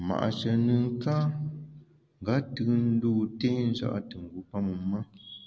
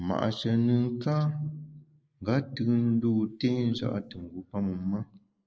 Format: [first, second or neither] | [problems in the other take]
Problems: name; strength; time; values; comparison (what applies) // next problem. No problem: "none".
first | noise reduction (neural mask model Resemble Enhance denoiser)